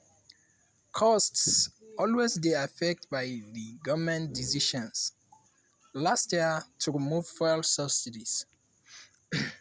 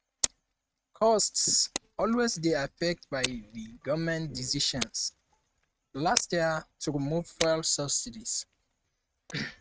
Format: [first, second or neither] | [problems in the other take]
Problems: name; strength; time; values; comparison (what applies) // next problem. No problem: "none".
first | noise reduction (neural mask model RNNoise)